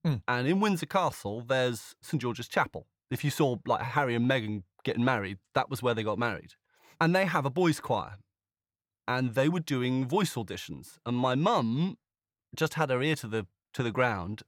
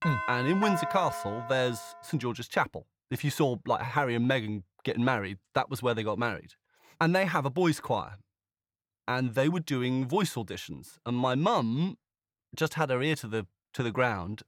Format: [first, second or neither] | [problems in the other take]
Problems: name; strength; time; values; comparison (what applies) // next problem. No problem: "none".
first | doorbell; noticeable; until 2 s; peak 2 dB below the speech